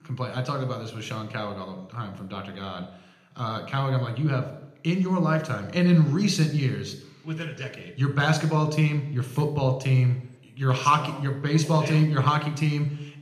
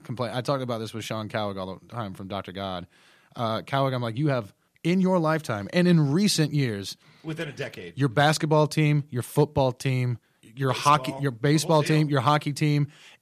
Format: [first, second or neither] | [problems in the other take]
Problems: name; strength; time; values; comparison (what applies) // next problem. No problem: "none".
second | room echo; slight; dies away in 0.7 s // off-mic speech; somewhat distant